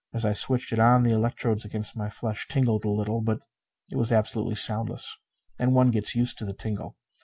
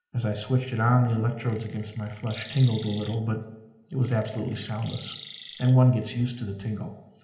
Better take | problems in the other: first | background sound (Chirp, tweet); 19 dB below the speech // room echo; dies away in 0.8 s

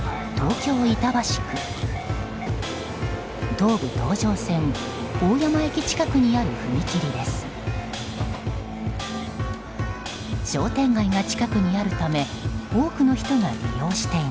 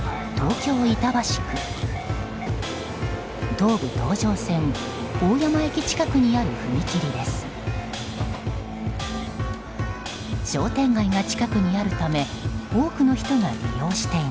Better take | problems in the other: first | background sound (Bass drum); 19 dB below the speech

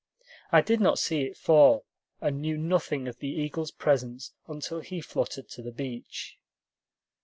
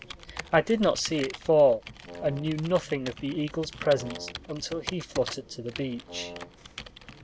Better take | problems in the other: first | background sound (Wind instrument, woodwind instrument + Computer keyboard); 14 dB below the speech

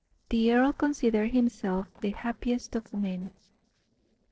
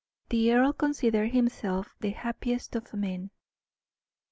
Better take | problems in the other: second | noise reduction (neural separator model SepFormer DNS4)

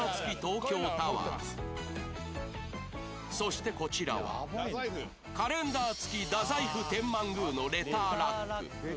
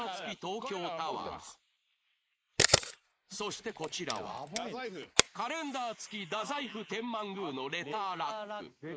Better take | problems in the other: first | noise reduction (neural mask model Resemble Enhance denoiser)

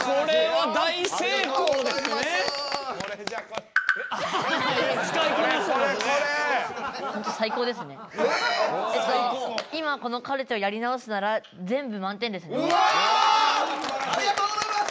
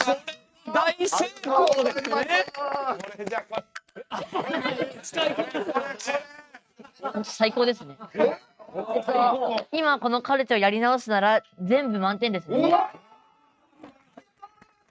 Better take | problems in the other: first | noise reduction (neural mask model RNNoise)

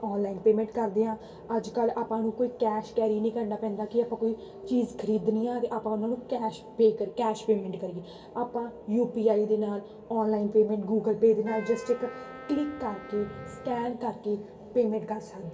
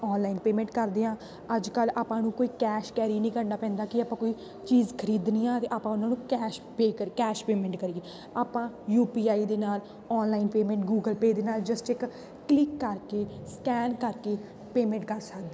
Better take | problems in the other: second | background sound (Wind instrument, woodwind instrument); 17 dB below the speech // room echo; dies away in 0.2 s

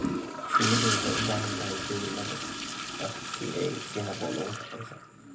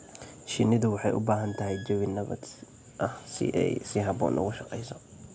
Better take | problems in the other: second | background sound (Toilet flush / Gurgling); 2 dB above the speech // room echo; dies away in 0.3 s

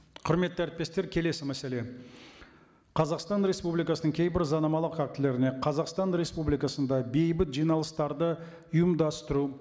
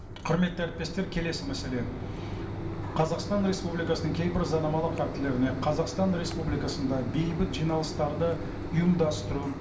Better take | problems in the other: first | background sound (Mechanisms); 5 dB below the speech // room echo; dies away in 0.3 s

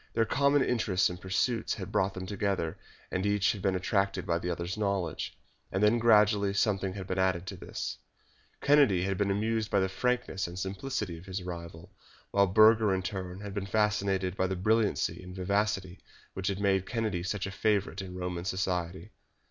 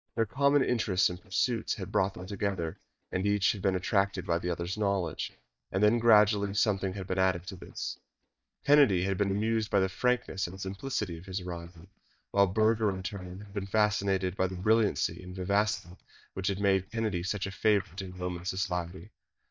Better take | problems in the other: first | noise reduction (neural mask model DeepFilterNet 3)

